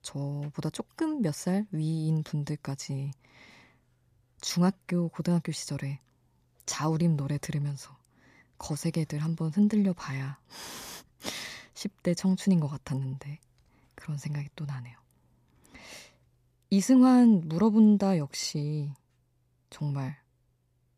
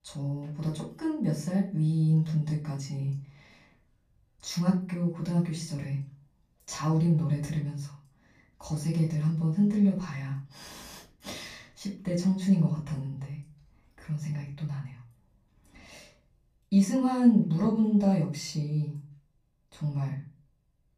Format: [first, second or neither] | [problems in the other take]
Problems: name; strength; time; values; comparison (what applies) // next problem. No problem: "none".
first | off-mic speech; far // room echo; slight; dies away in 0.4 s